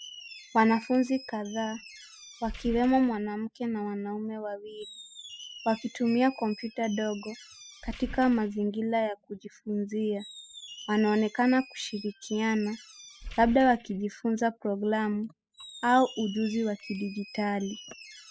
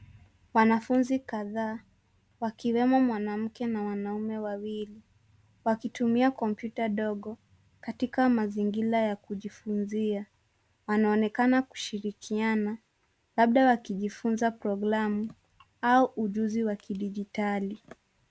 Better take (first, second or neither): second